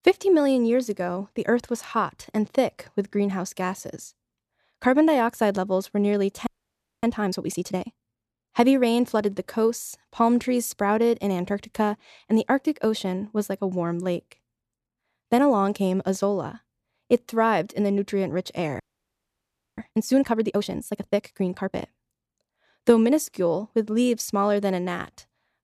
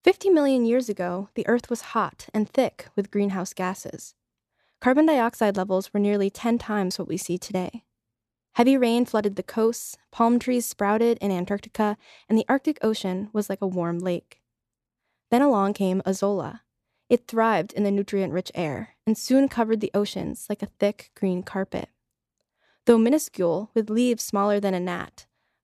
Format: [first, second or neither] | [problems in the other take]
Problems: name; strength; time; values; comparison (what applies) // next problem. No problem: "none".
second | audio freezing; at 6.5 s for 0.5 s and at 19 s for 1 s